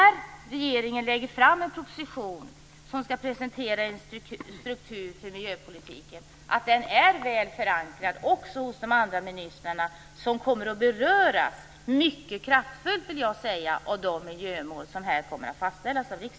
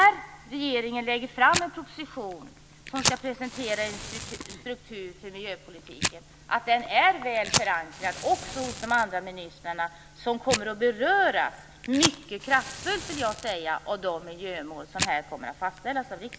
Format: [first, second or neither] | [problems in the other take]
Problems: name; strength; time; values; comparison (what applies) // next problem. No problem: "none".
first | background sound (Fire); 8 dB below the speech